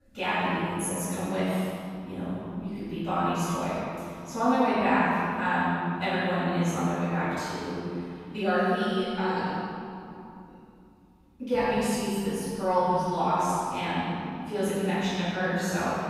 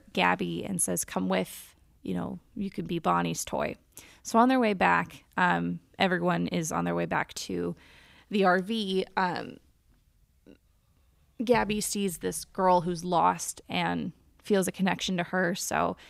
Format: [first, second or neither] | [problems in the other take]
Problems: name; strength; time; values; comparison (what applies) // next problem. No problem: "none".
second | off-mic speech; far // room echo; strong; dies away in 2.6 s